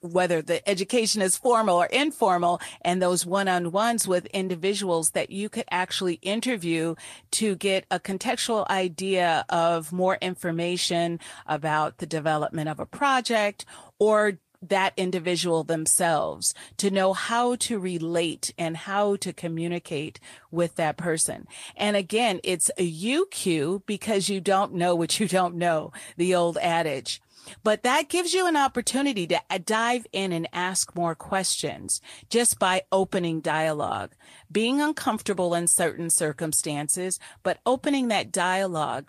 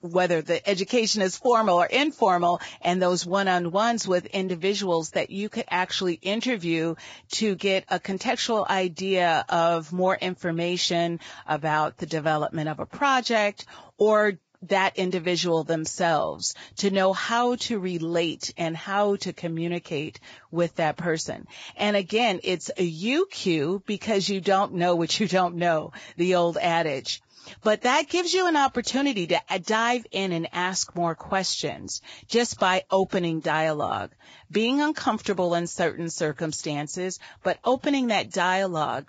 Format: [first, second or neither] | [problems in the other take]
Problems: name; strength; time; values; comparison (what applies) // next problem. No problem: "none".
first | garbled, watery; badly; nothing above 7.5 kHz; slightly in the first